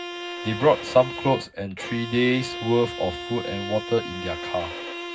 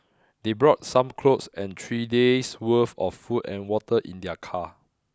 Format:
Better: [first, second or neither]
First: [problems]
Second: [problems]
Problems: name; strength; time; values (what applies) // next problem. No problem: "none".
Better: second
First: background sound (Bowed string instrument); 9 dB below the speech // room echo; dies away in 0.4 s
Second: none